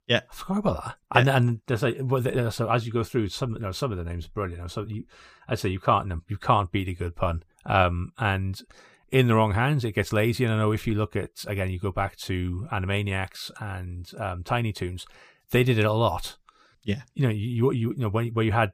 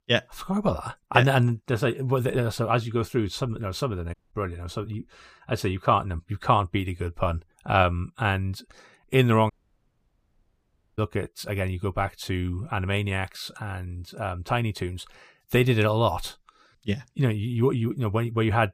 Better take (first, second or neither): first